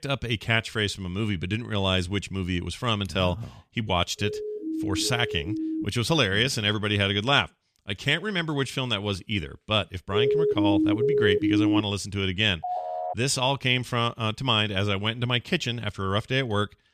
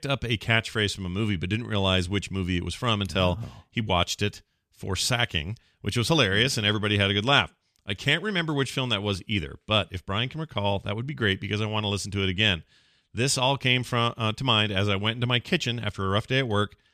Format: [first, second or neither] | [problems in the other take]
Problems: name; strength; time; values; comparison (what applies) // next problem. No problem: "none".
second | siren; noticeable; from 4 to 6 s; peak 4 dB below the speech // siren; loud; from 10 to 12 s; peak 3 dB above the speech // phone ringing; noticeable; at 13 s; peak 5 dB below the speech